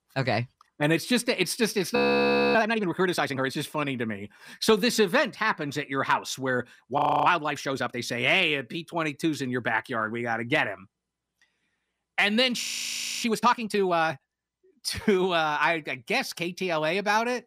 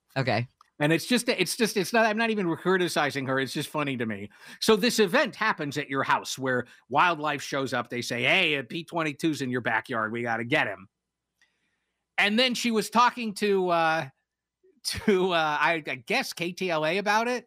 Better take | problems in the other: second | audio freezing; at 2 s for 0.5 s, at 7 s and at 13 s for 0.5 s

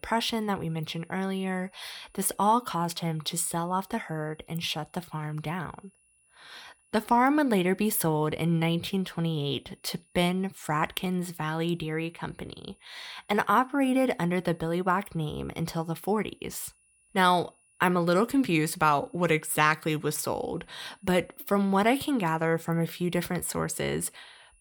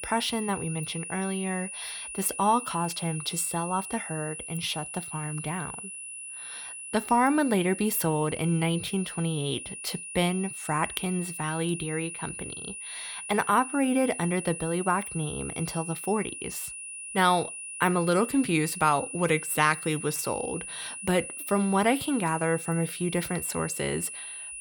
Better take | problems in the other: first | high-pitched whine; loud; throughout; 9.5 kHz, 8 dB below the speech; faint in the first

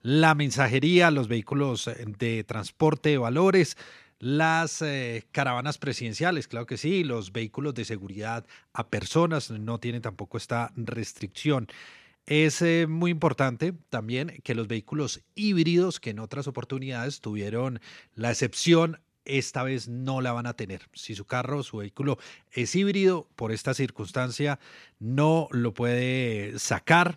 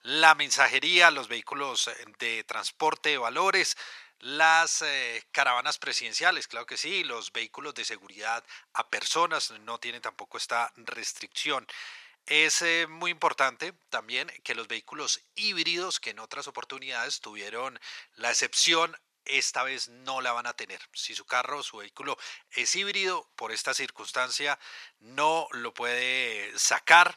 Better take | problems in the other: first | thin; very; fading below 950 Hz

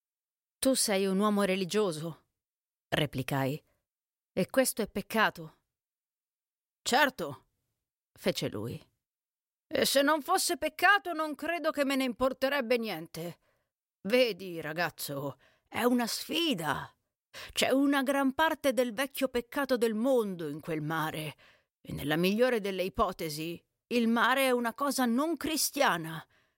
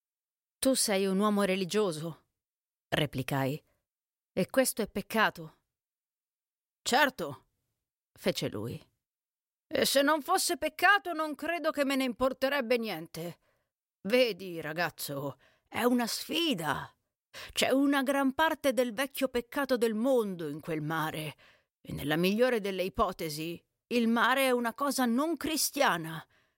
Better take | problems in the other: neither | none

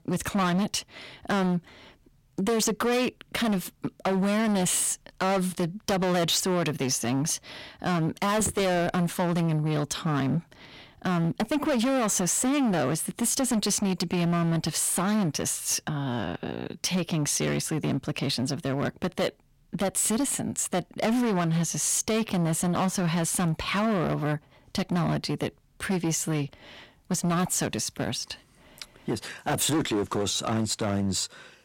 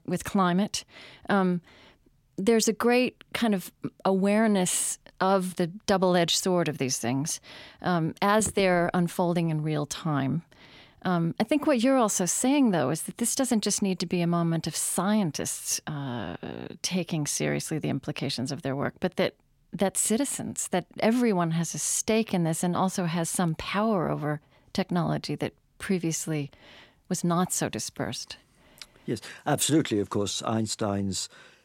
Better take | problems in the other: second | distortion; heavy; 17% of the sound clipped

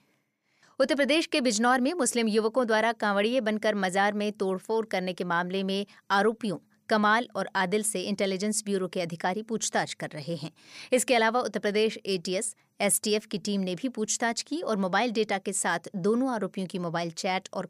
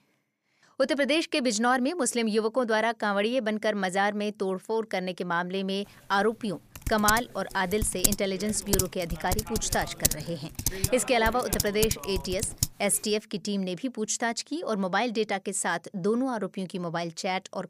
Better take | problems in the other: first | keyboard typing; loud; from 7 to 13 s; peak 2 dB above the speech

